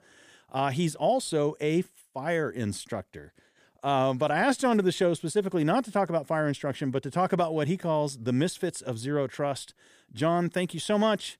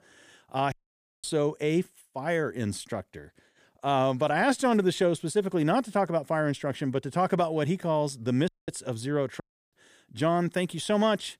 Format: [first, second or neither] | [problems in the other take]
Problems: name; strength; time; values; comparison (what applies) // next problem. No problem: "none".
first | audio cutting out; at 0.5 s for 0.5 s, at 8.5 s and at 9.5 s